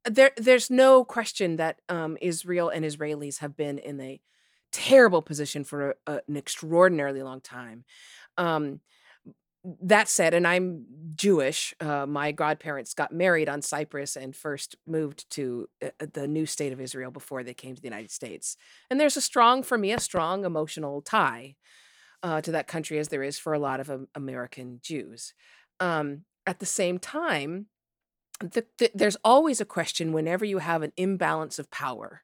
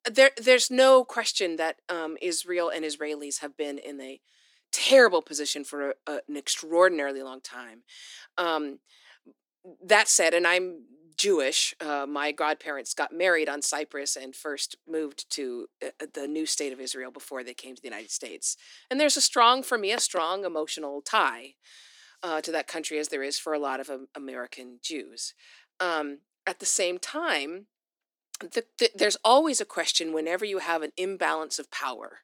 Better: first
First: none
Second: thin; very slightly; fading below 250 Hz

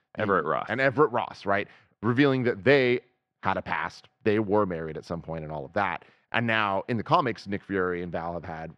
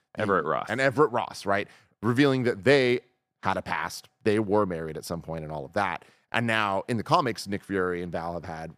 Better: second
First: muffled; very slightly; fading above 3 kHz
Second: none

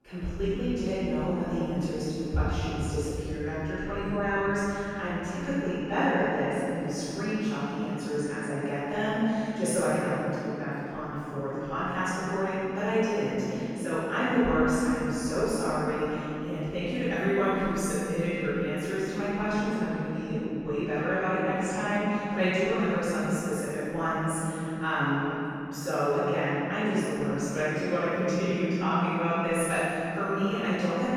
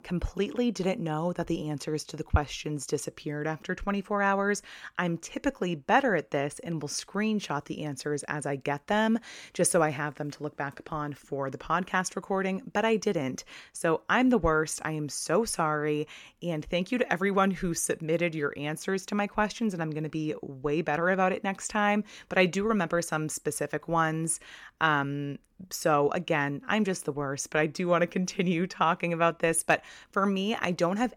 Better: second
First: off-mic speech; far // room echo; strong; dies away in 3 s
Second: none

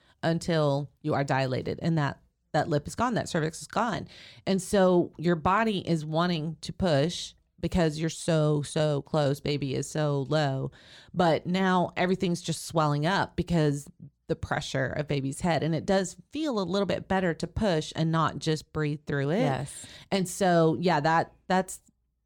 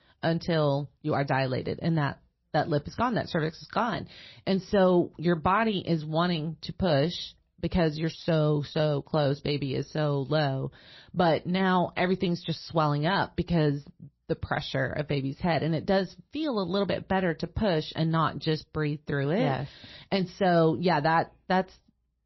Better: first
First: none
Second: garbled, watery; slightly; nothing above 5.5 kHz

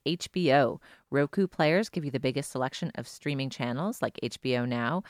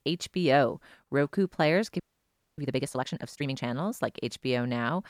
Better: first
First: none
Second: audio freezing; at 2 s for 0.5 s

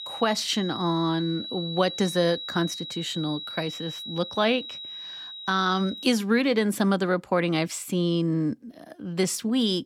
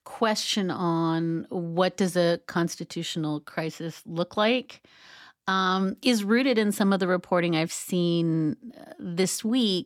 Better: second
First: high-pitched whine; loud; until 6 s; 4 kHz, 9 dB below the speech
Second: none

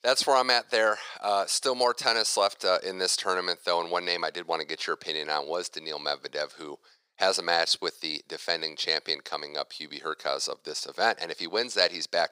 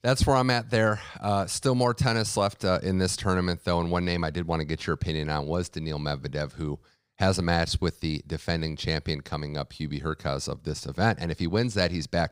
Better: second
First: thin; very; fading below 450 Hz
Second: none

